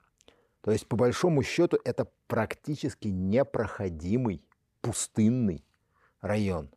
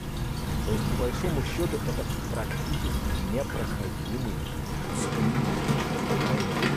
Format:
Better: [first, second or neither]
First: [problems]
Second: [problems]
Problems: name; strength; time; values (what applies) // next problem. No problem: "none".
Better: first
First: none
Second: rain or running water; very loud; throughout; 5 dB above the speech